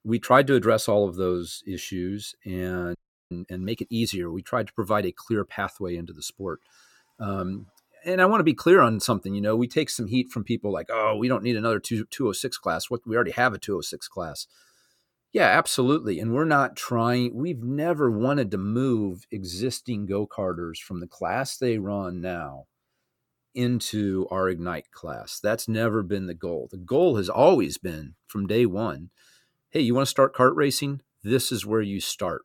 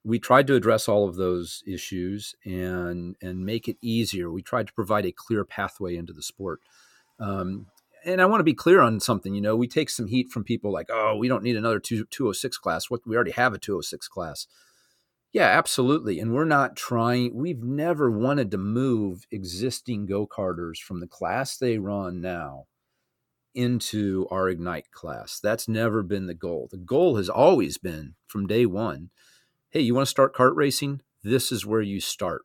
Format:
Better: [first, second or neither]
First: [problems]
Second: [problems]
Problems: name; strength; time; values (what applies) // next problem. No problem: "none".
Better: second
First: audio freezing; at 3 s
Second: none